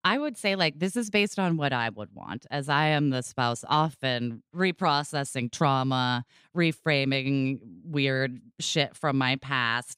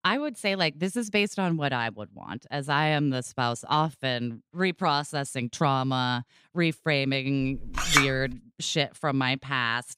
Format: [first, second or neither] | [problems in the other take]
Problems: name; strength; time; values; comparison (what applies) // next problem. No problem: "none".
first | clattering dishes; loud; at 7.5 s; peak 5 dB above the speech